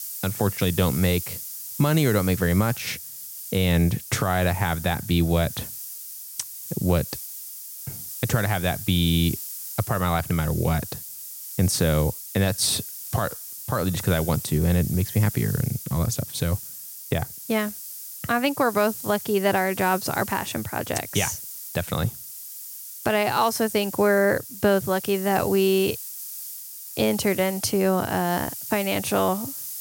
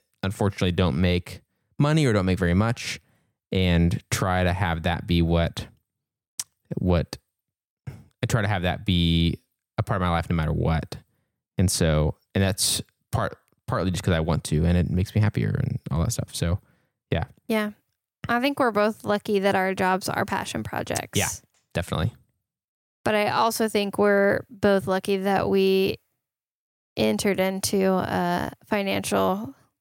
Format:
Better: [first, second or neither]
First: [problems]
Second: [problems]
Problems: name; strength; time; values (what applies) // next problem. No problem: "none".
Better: second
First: hiss; loud; throughout; 10 dB below the speech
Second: none